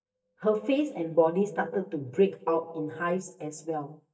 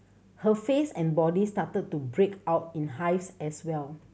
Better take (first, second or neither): second